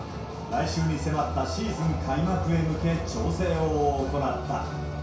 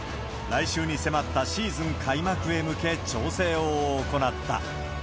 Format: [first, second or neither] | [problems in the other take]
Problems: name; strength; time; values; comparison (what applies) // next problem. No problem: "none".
second | background sound (Musical instrument); 12 dB below the speech // room echo; dies away in 0.6 s